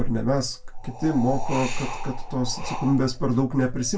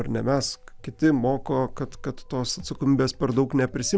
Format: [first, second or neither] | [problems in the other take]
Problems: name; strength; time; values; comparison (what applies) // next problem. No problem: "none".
second | background sound (Wind); 13 dB below the speech // room echo; dies away in 0.2 s